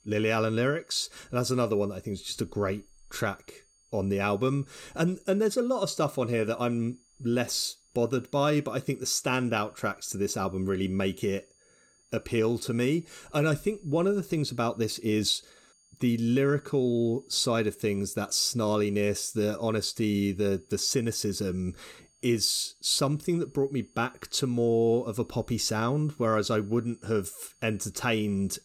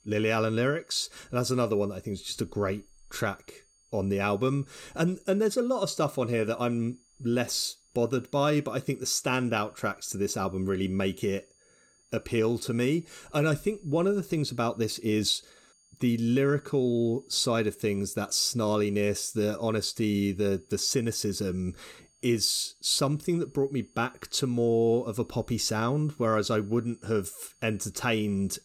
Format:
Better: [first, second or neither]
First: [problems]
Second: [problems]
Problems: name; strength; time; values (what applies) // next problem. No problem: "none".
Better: neither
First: high-pitched whine; faint; throughout; 6.5 kHz, 35 dB below the speech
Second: high-pitched whine; faint; throughout; 6.5 kHz, 35 dB below the speech